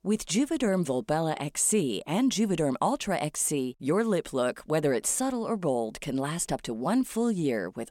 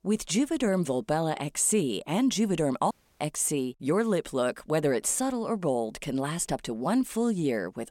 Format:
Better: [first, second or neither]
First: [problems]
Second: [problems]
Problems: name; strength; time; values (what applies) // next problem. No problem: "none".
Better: first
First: none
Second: audio cutting out; at 3 s